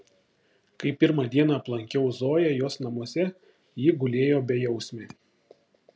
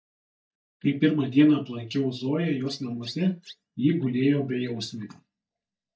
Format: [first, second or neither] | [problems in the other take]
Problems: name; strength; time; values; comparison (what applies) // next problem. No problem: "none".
first | noise reduction (neural mask model DeepFilterNet 3)